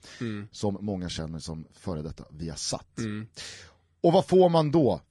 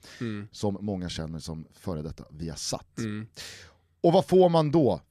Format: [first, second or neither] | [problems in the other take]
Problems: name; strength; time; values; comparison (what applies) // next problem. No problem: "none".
second | garbled, watery; slightly; nothing above 10 kHz